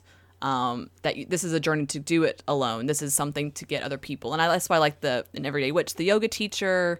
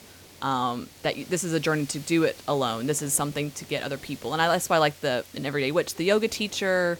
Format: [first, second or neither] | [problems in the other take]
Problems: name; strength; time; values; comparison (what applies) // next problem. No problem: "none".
first | hiss; noticeable; throughout; 20 dB below the speech